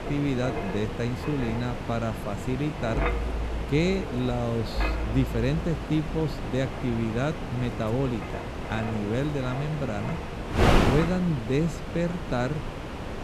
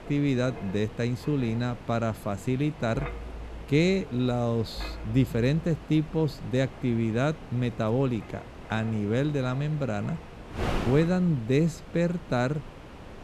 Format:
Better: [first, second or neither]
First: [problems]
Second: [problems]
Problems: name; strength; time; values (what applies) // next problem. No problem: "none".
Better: second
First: wind noise on the microphone; heavy; 1 dB below the speech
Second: wind noise on the microphone; occasional gusts; 10 dB below the speech